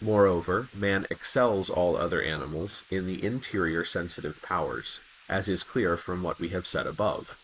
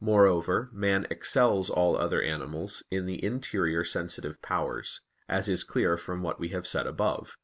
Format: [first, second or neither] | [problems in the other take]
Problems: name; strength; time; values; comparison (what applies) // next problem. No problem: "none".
second | noise reduction (neural mask model Resemble Enhance denoiser)